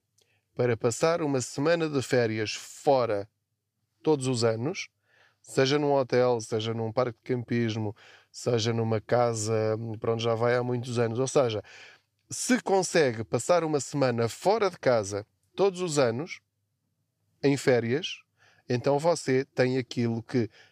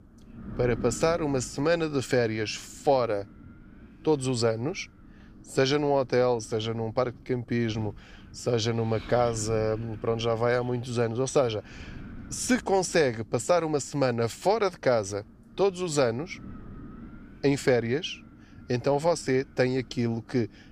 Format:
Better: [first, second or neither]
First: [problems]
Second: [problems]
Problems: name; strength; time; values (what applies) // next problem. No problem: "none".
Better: first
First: none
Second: wind noise on the microphone; occasional gusts; 25 dB below the speech